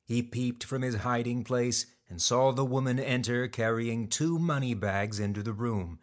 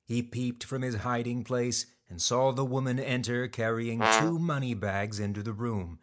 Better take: first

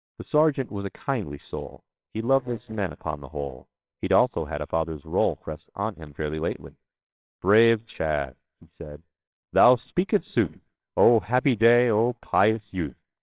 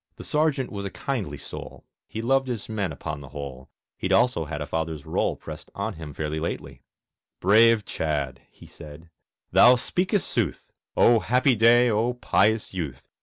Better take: second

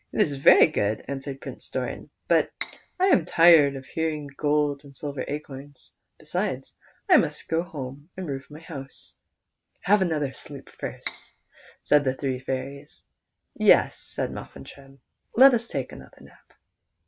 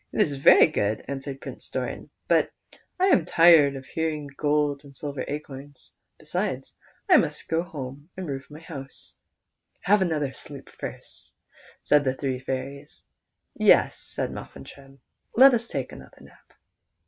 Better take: second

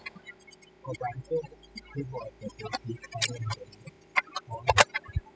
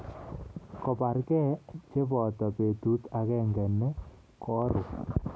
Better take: second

